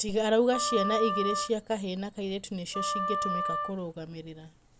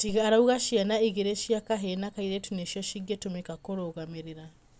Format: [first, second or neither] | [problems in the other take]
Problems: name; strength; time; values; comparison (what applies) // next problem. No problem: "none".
second | background sound (Wind instrument, woodwind instrument); 3 dB below the speech